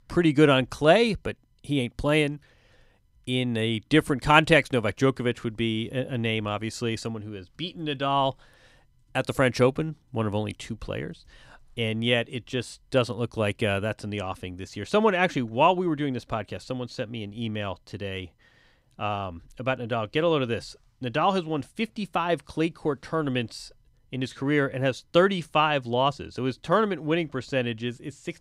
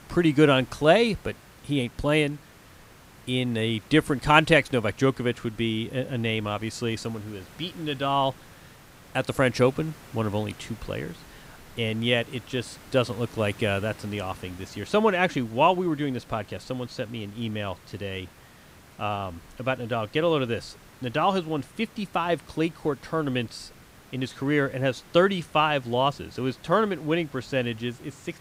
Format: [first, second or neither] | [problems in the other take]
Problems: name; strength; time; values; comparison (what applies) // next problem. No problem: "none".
first | hiss; faint; throughout; 25 dB below the speech